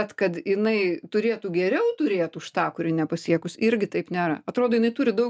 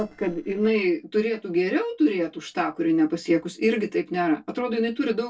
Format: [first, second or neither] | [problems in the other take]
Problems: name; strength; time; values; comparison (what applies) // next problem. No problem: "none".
first | noise reduction (neural separator model SepFormer DNS4)